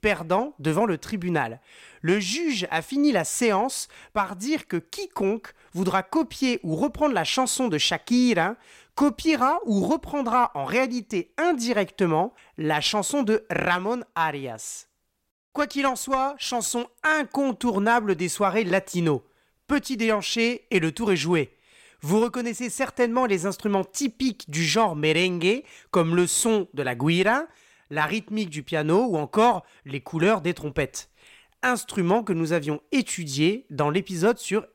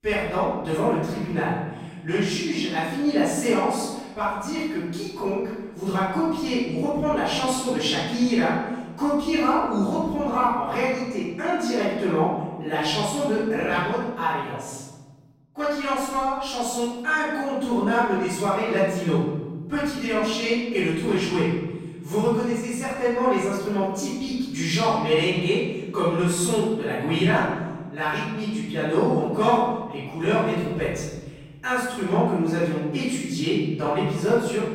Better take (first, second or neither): first